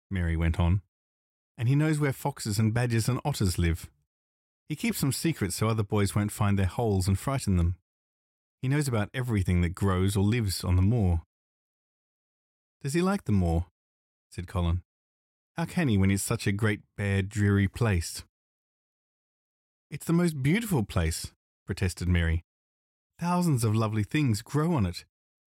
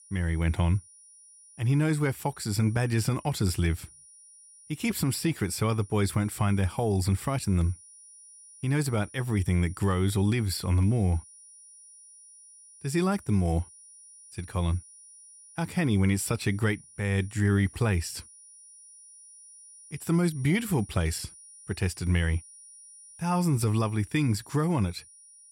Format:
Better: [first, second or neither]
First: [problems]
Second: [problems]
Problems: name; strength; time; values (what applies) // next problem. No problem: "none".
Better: first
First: none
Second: high-pitched whine; faint; throughout; 9.5 kHz, 20 dB below the speech